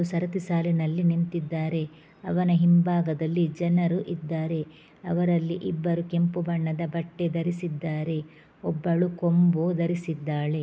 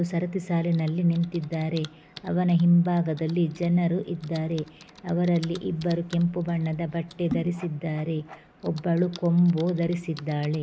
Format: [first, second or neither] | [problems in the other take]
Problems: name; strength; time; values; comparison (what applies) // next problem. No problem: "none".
first | background sound (Typing); 20 dB below the speech